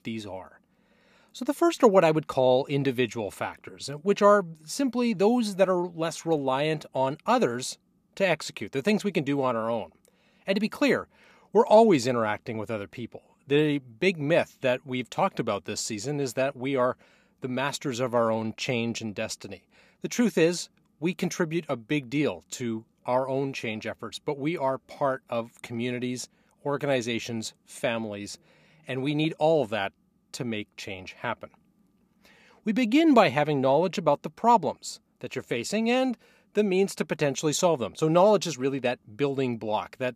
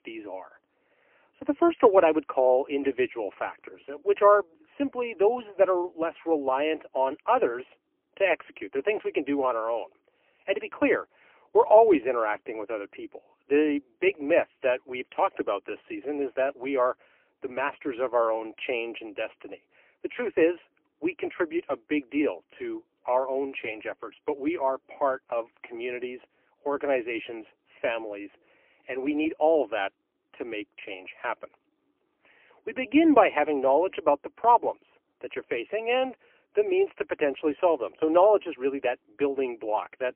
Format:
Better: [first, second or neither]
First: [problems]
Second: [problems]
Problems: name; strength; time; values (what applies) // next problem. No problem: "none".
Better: first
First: none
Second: phone-call audio; poor line; nothing above 3 kHz